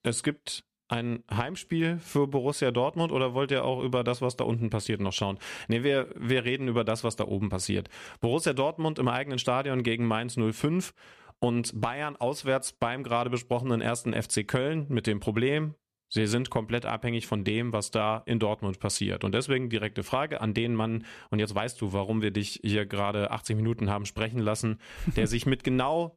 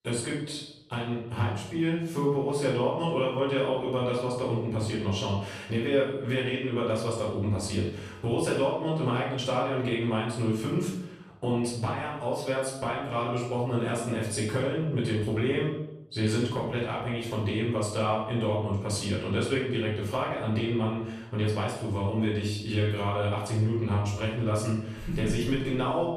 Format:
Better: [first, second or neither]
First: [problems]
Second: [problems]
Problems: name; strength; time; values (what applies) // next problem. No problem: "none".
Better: first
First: none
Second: off-mic speech; far // room echo; noticeable; dies away in 0.7 s